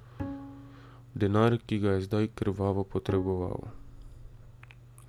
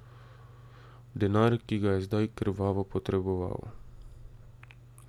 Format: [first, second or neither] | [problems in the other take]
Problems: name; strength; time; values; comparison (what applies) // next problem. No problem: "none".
second | background sound (Bowed string instrument); 13 dB below the speech